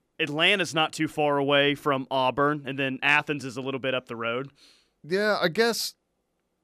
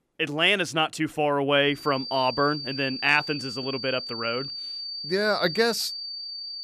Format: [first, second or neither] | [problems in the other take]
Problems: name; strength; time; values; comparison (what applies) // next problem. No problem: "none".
first | high-pitched whine; loud; from 2 s on; 4.5 kHz, 8 dB below the speech